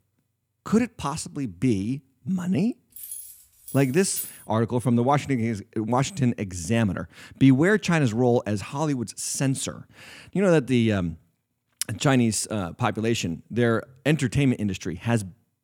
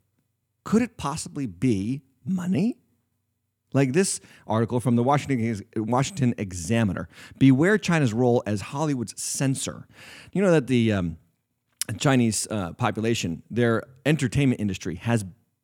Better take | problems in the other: second | jangling keys; noticeable; from 3 to 4.5 s; peak 8 dB below the speech

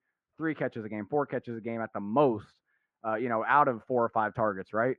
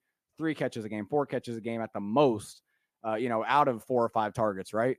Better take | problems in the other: second | muffled; very; fading above 2 kHz

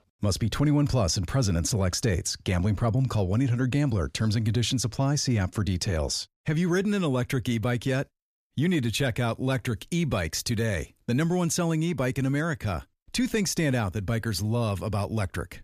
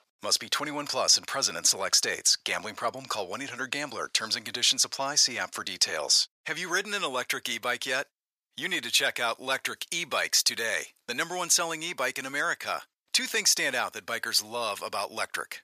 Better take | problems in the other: first | thin; very; fading below 850 Hz

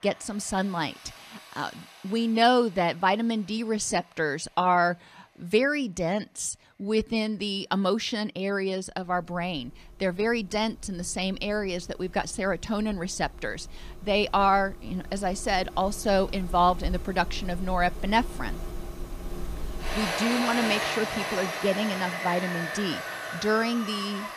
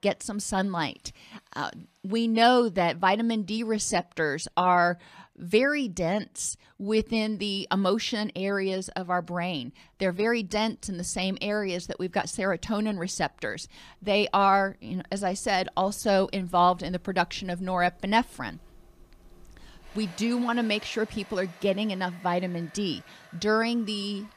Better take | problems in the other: second | machinery noise; loud; throughout; 7 dB below the speech; faint in the second

